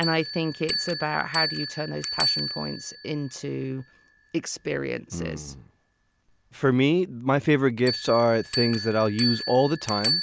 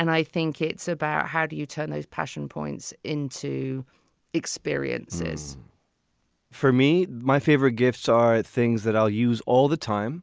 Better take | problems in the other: second | background sound (Bell); 7 dB below the speech

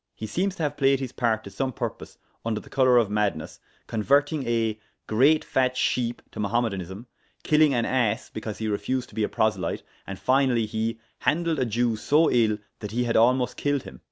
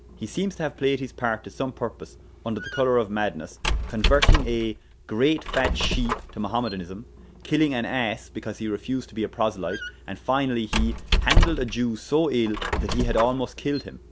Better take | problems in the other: first | background sound (Squeak); 1 dB below the speech

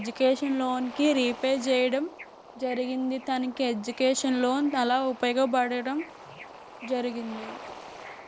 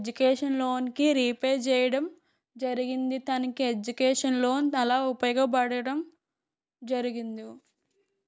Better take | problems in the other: second | background sound (Bird / Ocean); 17 dB below the speech

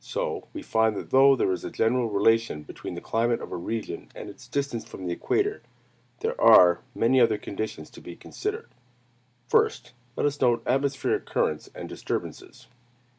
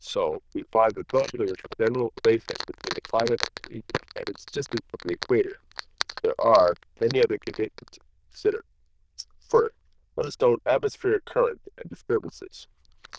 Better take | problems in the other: first | noise reduction (neural diffusion model UNIVERSE++)

